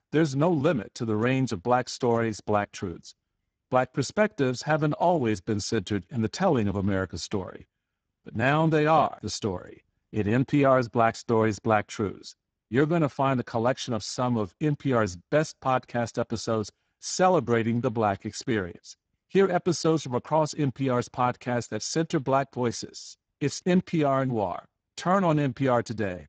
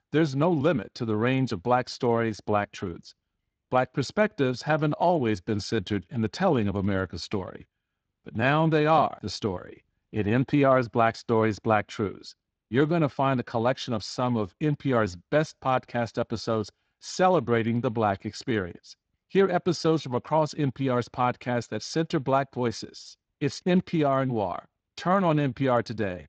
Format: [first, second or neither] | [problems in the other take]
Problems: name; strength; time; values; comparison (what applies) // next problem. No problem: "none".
second | garbled, watery; badly; nothing above 7.5 kHz; slightly in the second